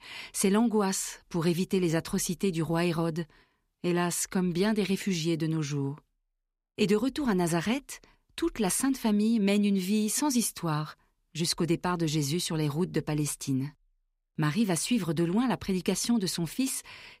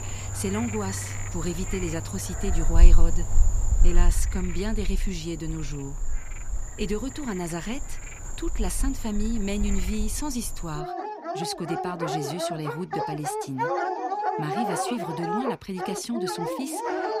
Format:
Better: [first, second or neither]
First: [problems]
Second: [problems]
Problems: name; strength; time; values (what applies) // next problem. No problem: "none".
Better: first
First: none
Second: animal sounds; very loud; throughout; 2 dB above the speech